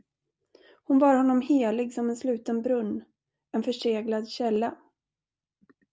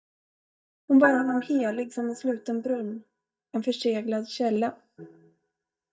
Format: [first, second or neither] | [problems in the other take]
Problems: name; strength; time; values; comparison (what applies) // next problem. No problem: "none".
first | noise reduction (neural mask model DeepFilterNet 3)